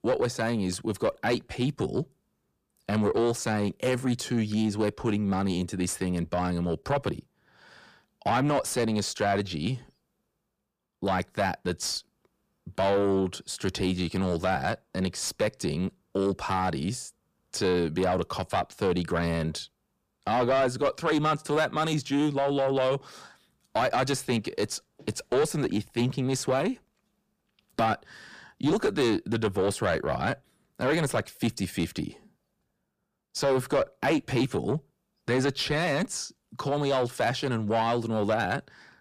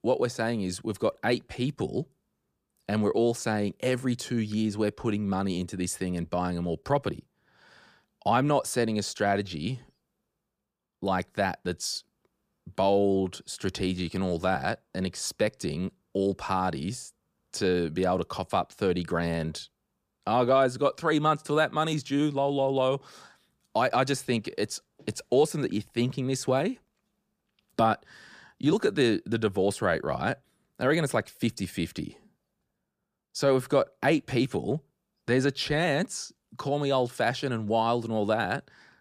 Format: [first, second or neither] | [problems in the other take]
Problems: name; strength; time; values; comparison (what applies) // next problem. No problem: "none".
second | distortion; slight; 10 dB below the speech